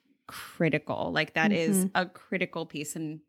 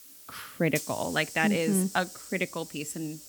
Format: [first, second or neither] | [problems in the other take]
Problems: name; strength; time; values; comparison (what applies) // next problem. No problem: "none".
first | hiss; noticeable; throughout; 10 dB below the speech